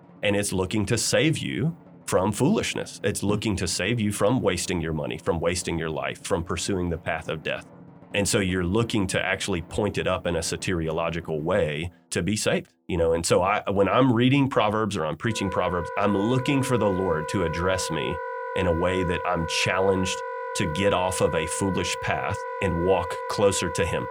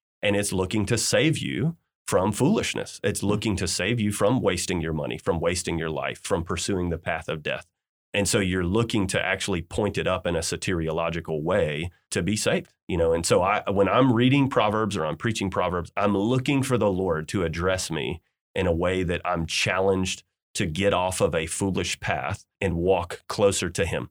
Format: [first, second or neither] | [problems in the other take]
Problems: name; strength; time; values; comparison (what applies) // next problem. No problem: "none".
second | background music; loud; throughout; 9 dB below the speech